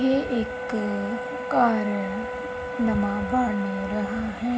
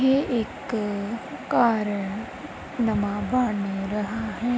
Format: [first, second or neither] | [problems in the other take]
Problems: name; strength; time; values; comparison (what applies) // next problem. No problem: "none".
second | background sound (Wind instrument, woodwind instrument); 8 dB below the speech // room echo; dies away in 0.4 s